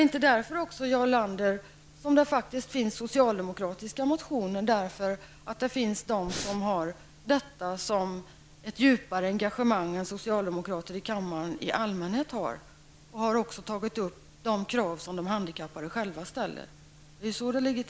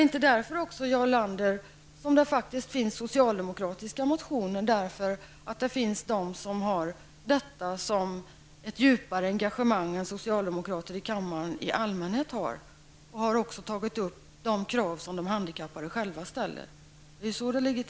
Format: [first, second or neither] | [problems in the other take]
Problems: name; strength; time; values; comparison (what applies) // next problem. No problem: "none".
second | background sound (Breathing); 7 dB below the speech